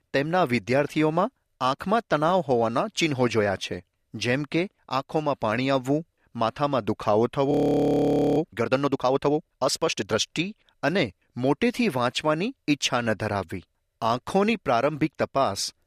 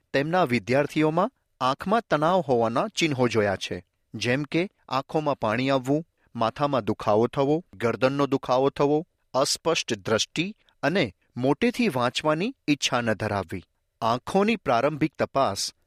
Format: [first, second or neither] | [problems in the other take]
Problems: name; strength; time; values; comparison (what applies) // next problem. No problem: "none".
second | audio freezing; at 7.5 s for 1 s